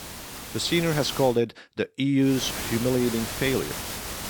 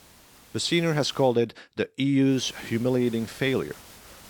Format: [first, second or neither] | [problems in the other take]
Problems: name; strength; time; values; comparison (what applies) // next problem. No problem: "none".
second | hiss; loud; until 1.5 s and from 2.5 s on; 8 dB below the speech; faint in the second